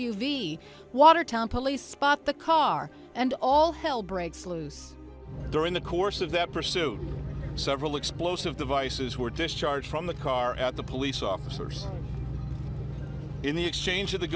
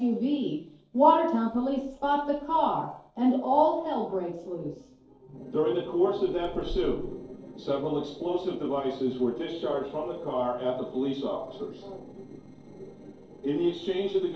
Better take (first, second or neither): first